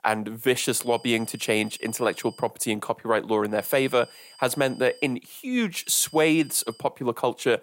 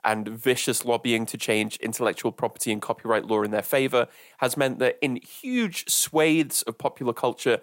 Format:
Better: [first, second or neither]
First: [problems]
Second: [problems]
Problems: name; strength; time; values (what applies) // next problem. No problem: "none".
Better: second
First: high-pitched whine; faint; from 0.5 to 2.5 s, from 3.5 to 5 s and at 6 s; 5 kHz, 25 dB below the speech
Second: none